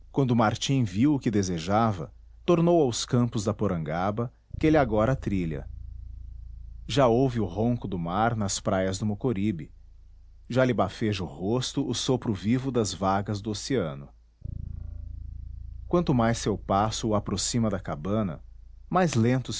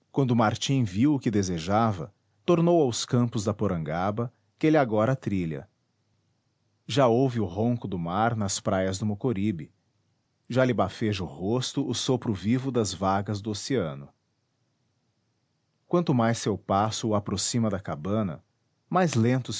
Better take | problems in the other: second | background sound (Bass guitar); 16 dB below the speech

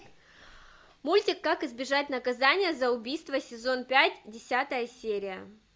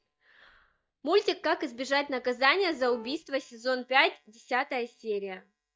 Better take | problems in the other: first | noise reduction (neural mask model DeepFilterNet 3)

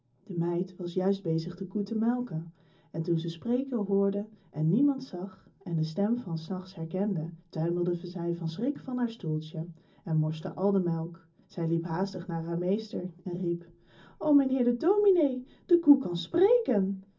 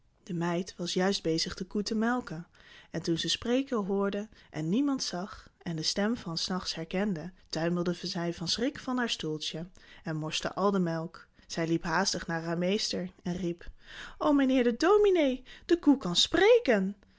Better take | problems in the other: second | room echo; dies away in 0.4 s

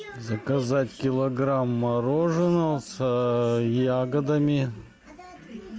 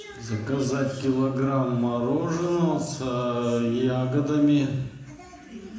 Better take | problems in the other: first | room echo; dies away in 0.9 s

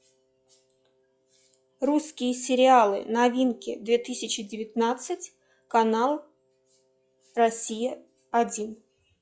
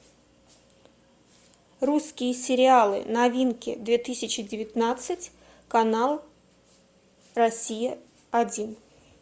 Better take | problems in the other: second | noise reduction (classical method log-MMSE)

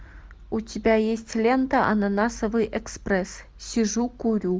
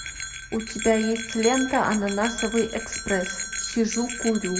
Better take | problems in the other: first | background sound (Bell); 7 dB below the speech // room echo; dies away in 2.1 s

